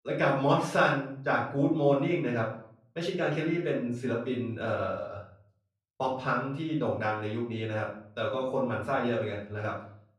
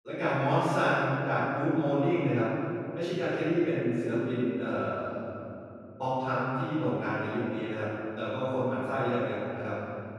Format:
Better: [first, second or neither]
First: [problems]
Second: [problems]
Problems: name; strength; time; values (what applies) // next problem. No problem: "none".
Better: first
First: room echo; slight; dies away in 0.5 s // off-mic speech; far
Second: room echo; strong; dies away in 2.9 s // off-mic speech; far